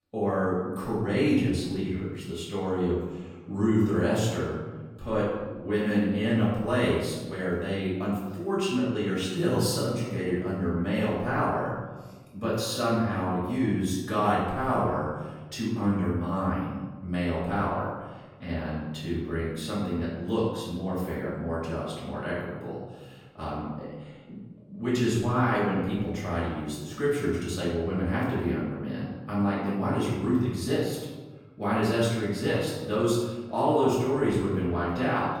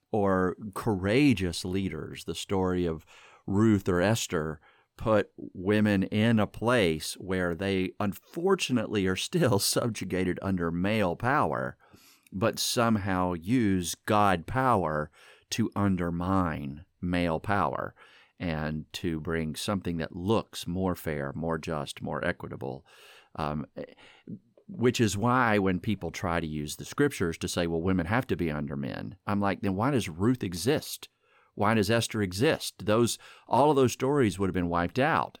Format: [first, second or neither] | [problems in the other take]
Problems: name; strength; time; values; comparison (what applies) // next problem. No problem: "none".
second | off-mic speech; far // room echo; noticeable; dies away in 1.1 s